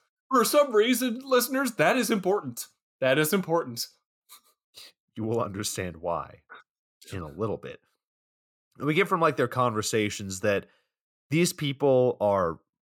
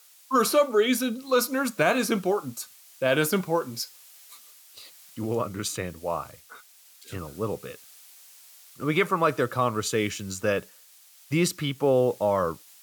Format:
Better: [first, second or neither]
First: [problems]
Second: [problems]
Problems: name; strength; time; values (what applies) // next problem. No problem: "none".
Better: first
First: none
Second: hiss; faint; throughout; 25 dB below the speech